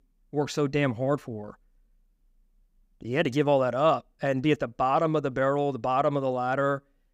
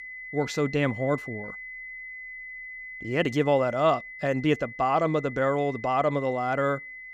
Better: first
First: none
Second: high-pitched whine; noticeable; throughout; 2 kHz, 10 dB below the speech

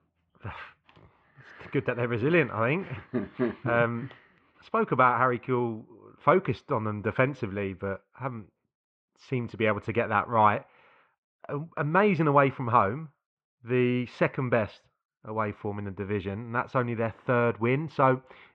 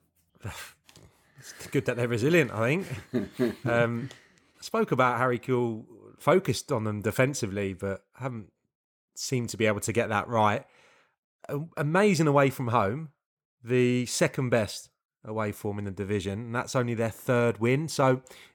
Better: second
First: muffled; very; fading above 3 kHz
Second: none

